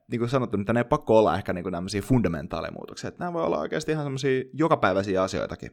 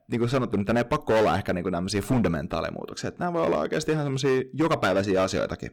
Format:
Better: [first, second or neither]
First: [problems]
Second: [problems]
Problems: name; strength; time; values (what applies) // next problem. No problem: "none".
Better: first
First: none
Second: distortion; heavy; 9% of the sound clipped